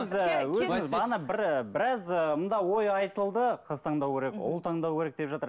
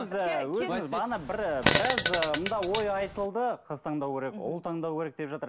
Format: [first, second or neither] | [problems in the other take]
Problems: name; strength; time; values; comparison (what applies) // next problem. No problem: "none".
first | background sound (Fart); as loud as the speech